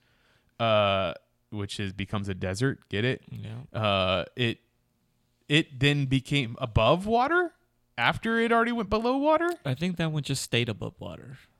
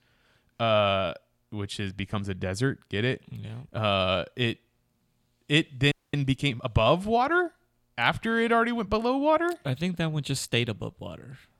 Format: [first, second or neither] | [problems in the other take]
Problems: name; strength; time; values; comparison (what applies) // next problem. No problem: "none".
first | audio freezing; at 6 s